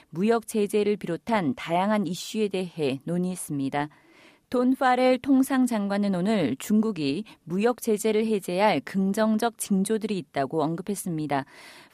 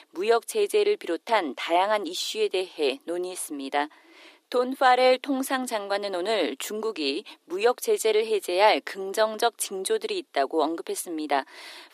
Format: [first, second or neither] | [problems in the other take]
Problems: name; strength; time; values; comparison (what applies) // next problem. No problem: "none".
first | thin; somewhat; fading below 300 Hz